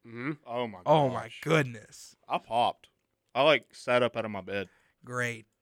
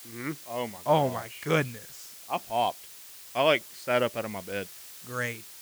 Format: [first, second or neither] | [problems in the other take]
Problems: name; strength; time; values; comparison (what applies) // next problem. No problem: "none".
first | hiss; noticeable; throughout; 15 dB below the speech